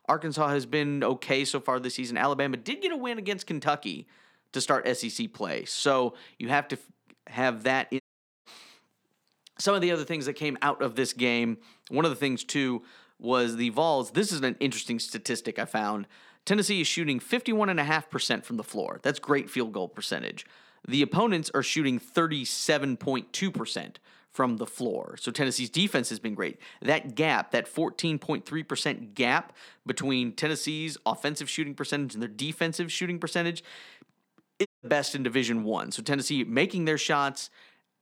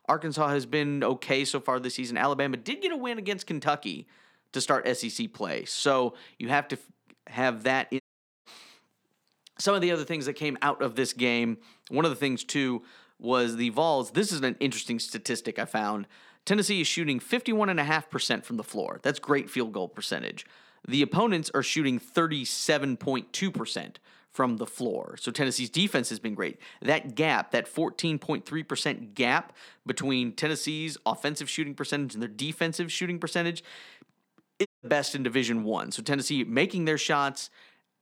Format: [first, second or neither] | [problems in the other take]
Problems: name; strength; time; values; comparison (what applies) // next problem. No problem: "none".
neither | audio cutting out; at 8 s and at 35 s; the same in both